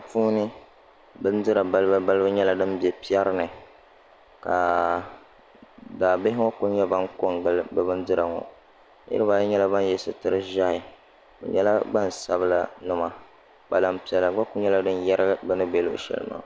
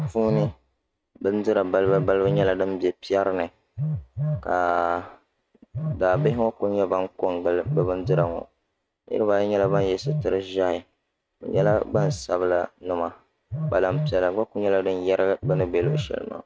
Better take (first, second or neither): first